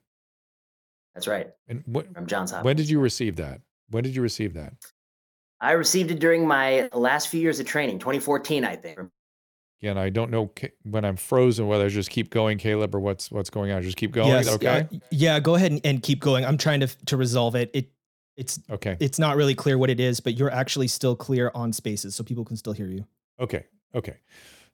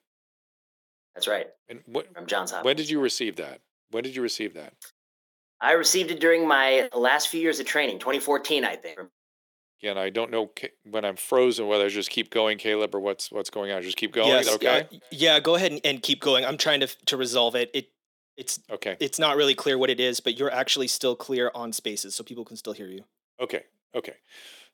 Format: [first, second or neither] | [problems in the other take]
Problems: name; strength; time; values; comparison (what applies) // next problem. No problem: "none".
first | thin; somewhat; fading below 300 Hz